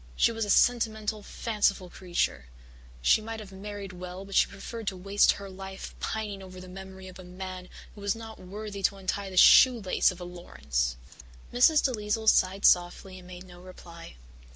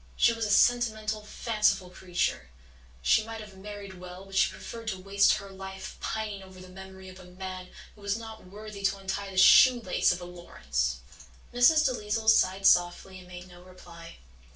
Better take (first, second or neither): first